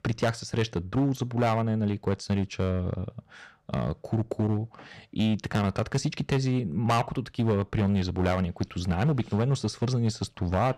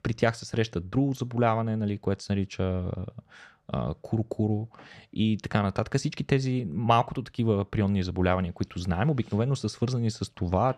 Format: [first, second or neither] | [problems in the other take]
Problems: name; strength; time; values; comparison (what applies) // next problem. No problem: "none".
second | distortion; slight; 7% of the sound clipped